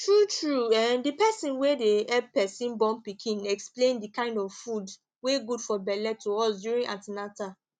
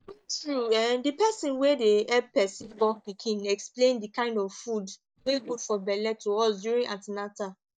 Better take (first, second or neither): first